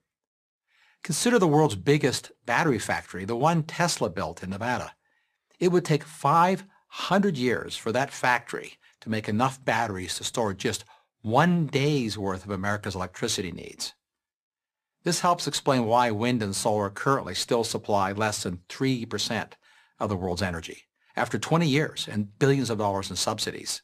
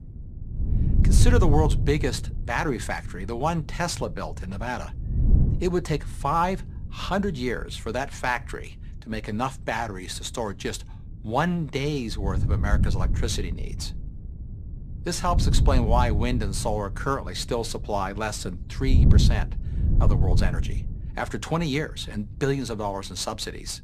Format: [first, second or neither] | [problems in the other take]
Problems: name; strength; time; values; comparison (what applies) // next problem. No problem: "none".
first | wind noise on the microphone; occasional gusts; 10 dB below the speech